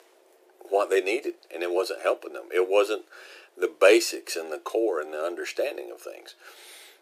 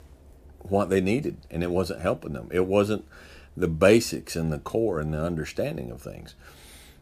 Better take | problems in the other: second | thin; very; fading below 350 Hz

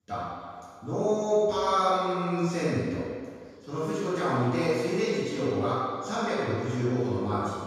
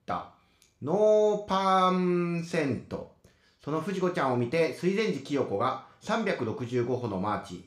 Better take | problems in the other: second | room echo; strong; dies away in 1.8 s; slight in the second // off-mic speech; far

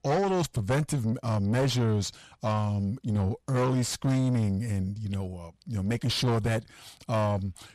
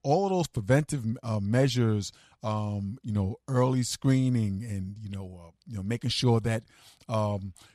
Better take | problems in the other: second | distortion; heavy; 7 dB below the speech

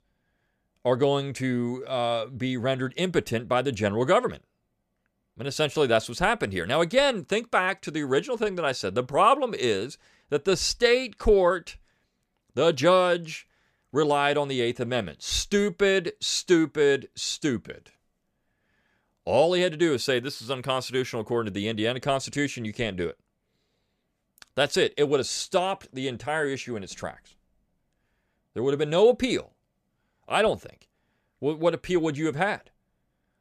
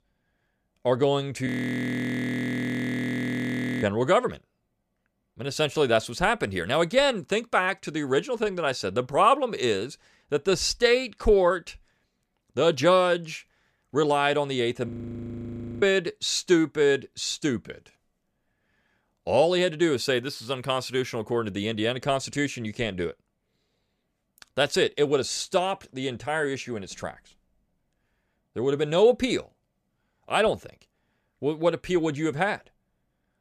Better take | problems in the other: first | audio freezing; at 1.5 s for 2.5 s and at 15 s for 1 s

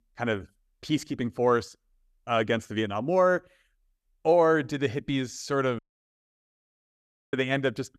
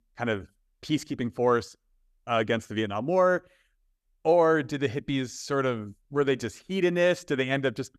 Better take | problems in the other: second | audio cutting out; at 6 s for 1.5 s

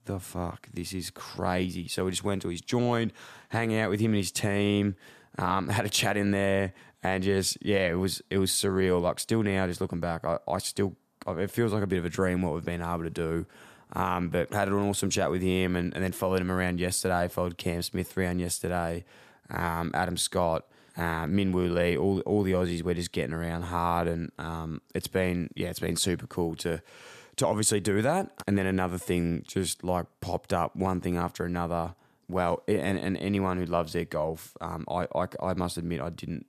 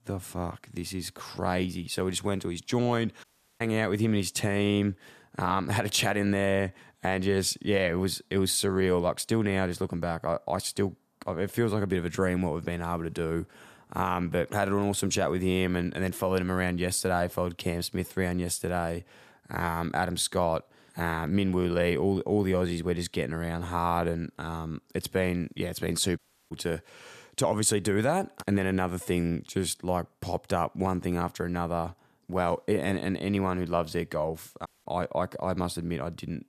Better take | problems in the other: first | audio cutting out; at 3 s, at 26 s and at 35 s

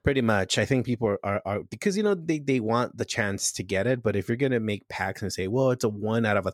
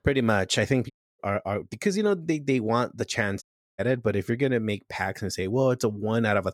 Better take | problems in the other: first | audio cutting out; at 1 s and at 3.5 s

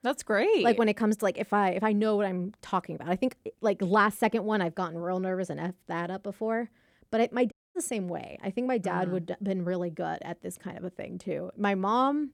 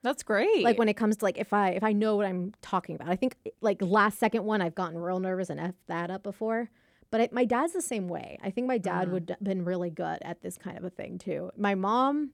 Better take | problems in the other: second | audio cutting out; at 7.5 s

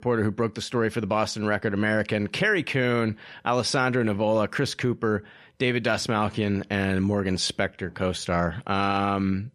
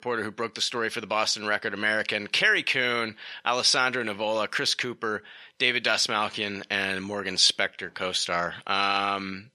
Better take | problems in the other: first | thin; somewhat; fading below 800 Hz

